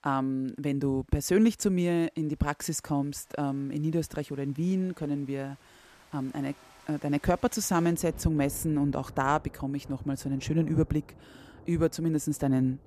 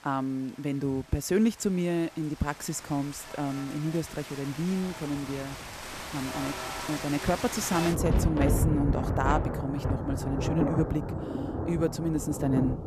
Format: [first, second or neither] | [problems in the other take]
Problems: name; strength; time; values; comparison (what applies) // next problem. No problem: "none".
first | rain or running water; loud; throughout; 2 dB below the speech; faint in the first